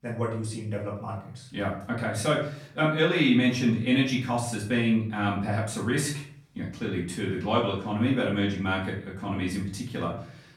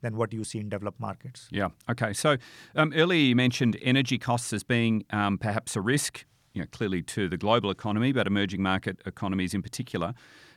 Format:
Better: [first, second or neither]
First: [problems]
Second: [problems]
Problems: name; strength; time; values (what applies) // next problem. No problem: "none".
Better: second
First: off-mic speech; far // room echo; slight; dies away in 0.4 s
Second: none